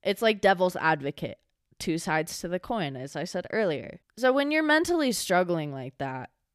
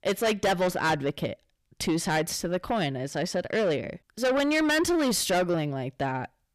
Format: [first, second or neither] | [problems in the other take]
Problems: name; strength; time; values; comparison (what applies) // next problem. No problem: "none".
first | distortion; heavy; 7 dB below the speech